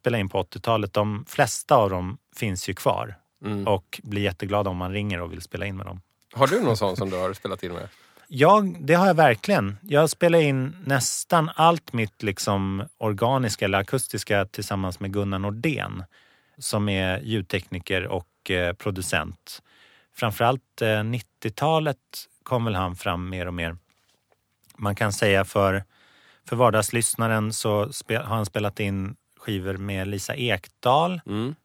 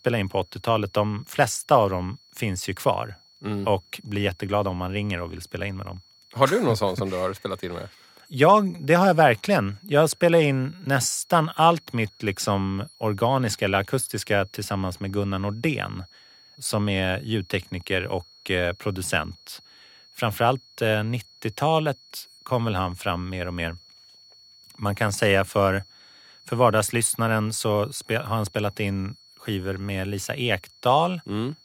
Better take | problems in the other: first | high-pitched whine; faint; throughout; 4.5 kHz, 25 dB below the speech

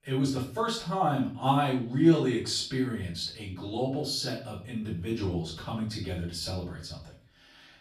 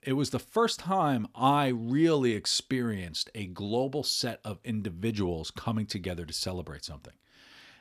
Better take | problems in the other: second | off-mic speech; far // room echo; noticeable; dies away in 0.4 s

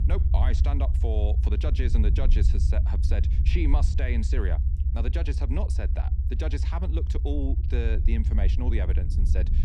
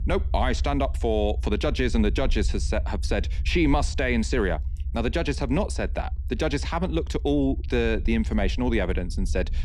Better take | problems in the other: second | low rumble; loud; throughout; 6 dB below the speech; faint in the second

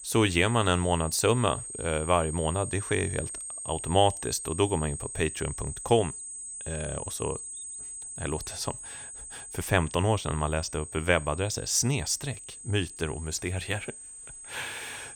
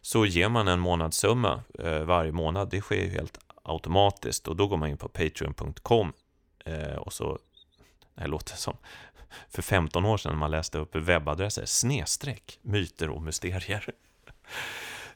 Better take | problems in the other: second | high-pitched whine; loud; throughout; 8 kHz, 9 dB below the speech

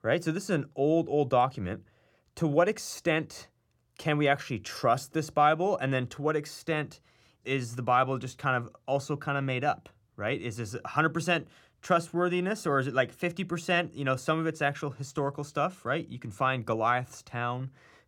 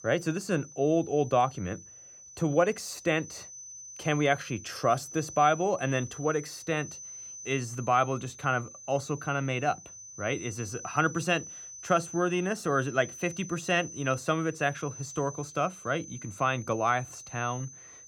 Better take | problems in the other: first | high-pitched whine; noticeable; throughout; 6 kHz, 15 dB below the speech

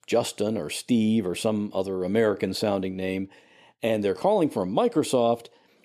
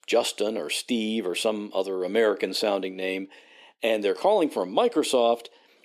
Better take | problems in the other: first | thin; very slightly; fading below 300 Hz

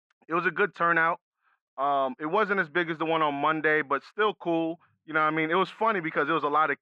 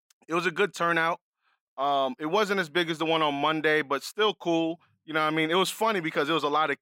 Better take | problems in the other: second | muffled; very; fading above 2 kHz

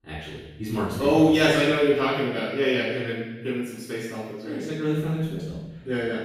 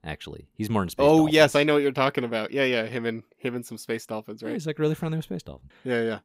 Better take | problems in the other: second | off-mic speech; far // room echo; strong; dies away in 1.1 s

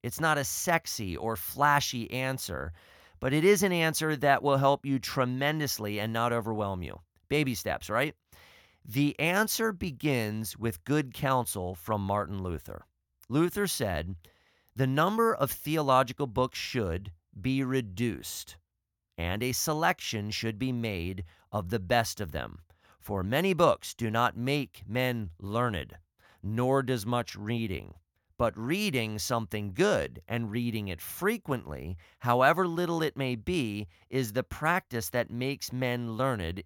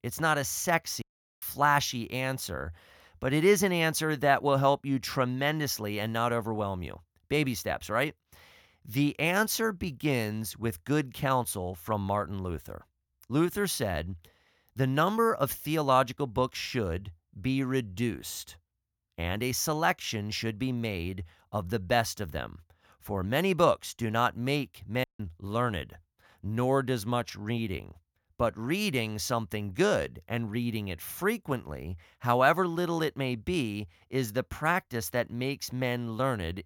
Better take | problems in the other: first | audio cutting out; at 1 s and at 25 s

